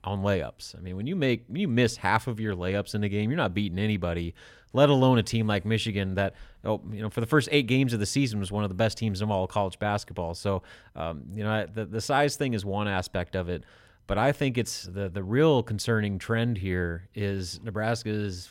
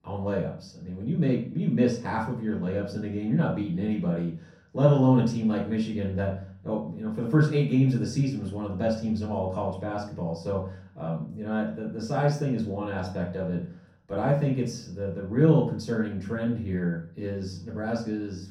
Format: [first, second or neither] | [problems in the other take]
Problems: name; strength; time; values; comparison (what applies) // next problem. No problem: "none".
first | room echo; noticeable; dies away in 0.5 s // off-mic speech; far